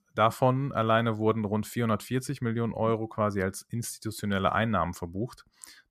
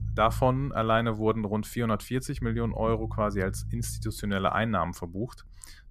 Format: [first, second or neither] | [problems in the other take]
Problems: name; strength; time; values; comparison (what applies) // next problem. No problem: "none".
first | low rumble; faint; throughout; 25 dB below the speech